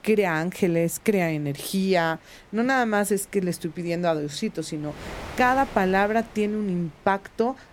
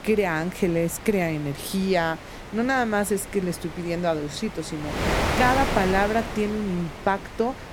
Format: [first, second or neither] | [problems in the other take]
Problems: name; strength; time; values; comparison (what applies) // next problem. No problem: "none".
first | wind noise on the microphone; heavy; 6 dB below the speech; occasional gusts in the first